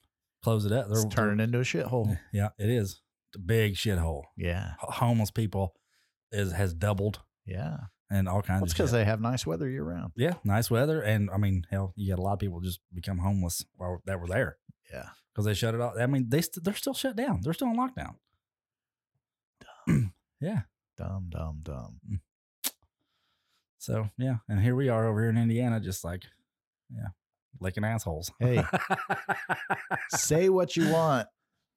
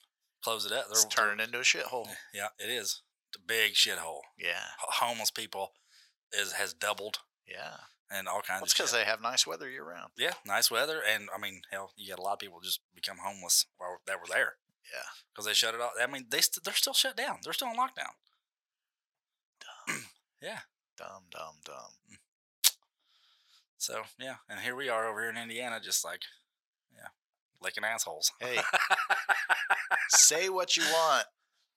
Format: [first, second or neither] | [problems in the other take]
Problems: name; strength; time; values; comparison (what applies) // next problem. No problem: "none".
first | thin; very; fading below 850 Hz